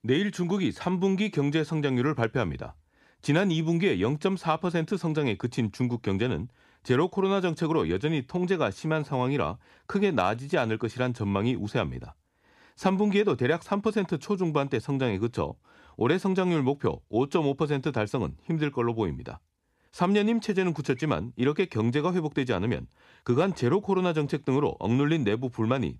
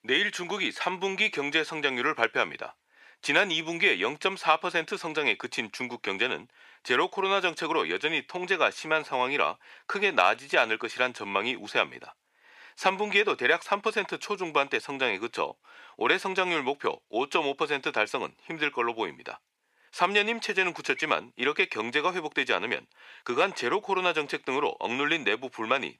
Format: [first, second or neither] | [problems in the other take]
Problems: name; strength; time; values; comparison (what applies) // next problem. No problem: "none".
first | thin; very; fading below 550 Hz